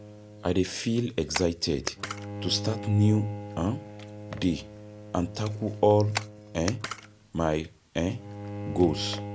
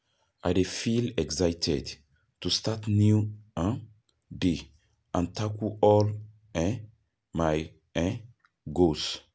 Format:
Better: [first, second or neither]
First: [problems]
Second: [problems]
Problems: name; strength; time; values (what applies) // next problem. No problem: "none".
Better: second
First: background sound (Camera + Bowed string instrument); 10 dB below the speech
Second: none